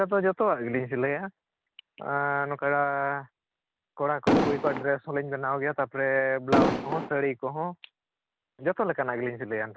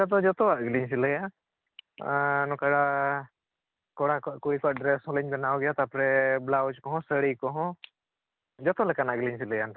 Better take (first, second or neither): second